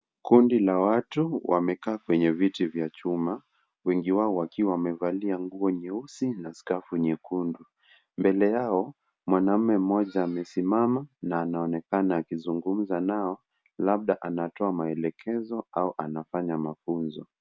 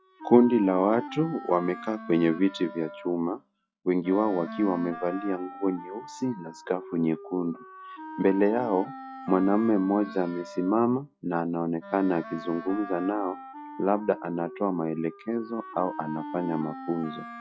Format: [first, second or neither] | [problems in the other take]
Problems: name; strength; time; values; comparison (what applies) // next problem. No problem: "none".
first | noise reduction (classical method log-MMSE)